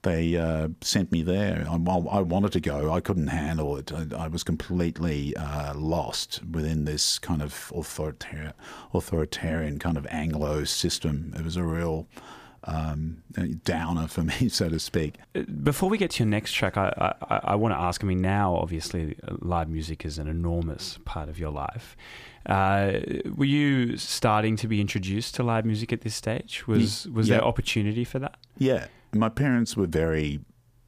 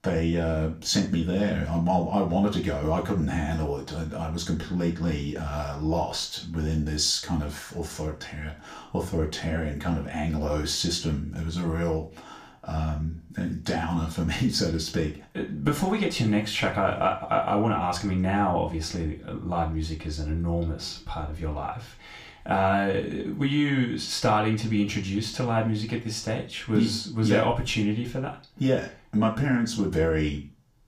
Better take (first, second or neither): first